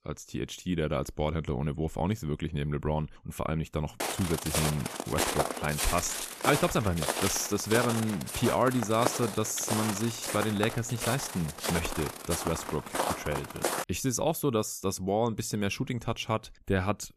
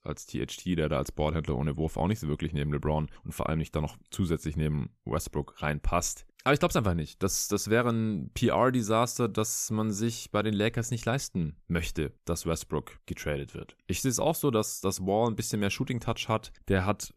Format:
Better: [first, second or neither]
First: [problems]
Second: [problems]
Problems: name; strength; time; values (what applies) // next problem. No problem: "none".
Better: second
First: footsteps; loud; from 4 to 14 s; peak 2 dB above the speech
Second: none